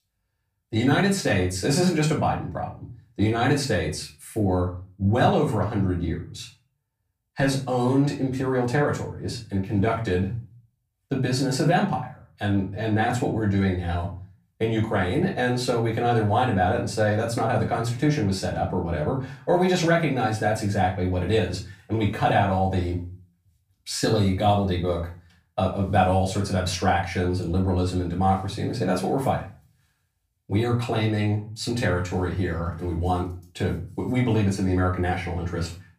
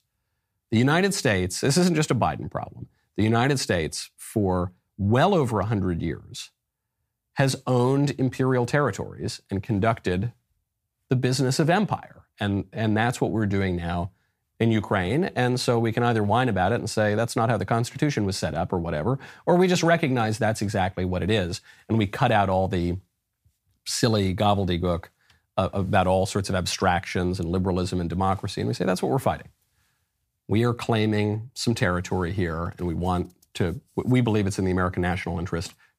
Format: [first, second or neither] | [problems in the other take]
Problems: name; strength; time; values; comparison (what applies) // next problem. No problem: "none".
second | off-mic speech; far // room echo; slight; dies away in 0.3 s